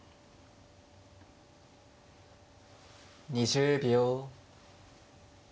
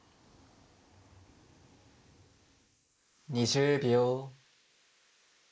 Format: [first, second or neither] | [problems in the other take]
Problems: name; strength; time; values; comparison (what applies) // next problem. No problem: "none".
first | noise reduction (neural mask model Resemble Enhance denoiser)